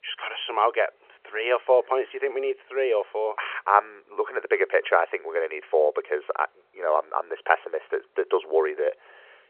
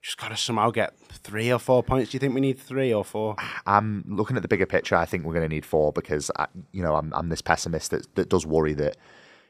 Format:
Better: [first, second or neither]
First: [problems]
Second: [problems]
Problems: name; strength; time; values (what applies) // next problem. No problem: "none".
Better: second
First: phone-call audio; nothing above 3 kHz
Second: none